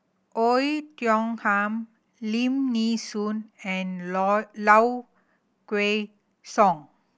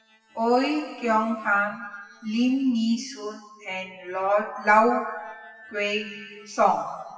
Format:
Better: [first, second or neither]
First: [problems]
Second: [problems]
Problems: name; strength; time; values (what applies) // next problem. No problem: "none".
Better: first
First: none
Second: noise reduction (classical method WPE with log-MMSE)